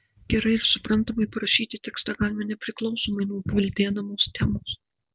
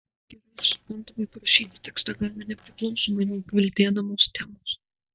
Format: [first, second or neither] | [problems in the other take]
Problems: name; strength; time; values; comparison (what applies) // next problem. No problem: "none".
first | noise reduction (neural mask model DeepFilterNet 3)